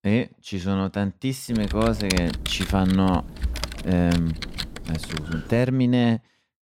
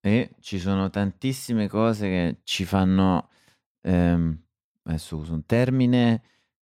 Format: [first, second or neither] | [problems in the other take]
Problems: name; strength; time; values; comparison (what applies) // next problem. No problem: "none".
second | keyboard typing; noticeable; from 1.5 to 5.5 s; peak 2 dB below the speech